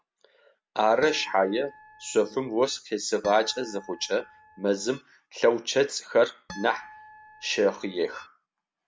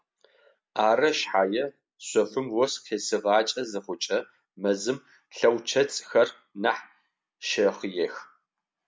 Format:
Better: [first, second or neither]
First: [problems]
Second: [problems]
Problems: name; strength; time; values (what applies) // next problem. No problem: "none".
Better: second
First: background sound (Harp); 19 dB below the speech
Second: none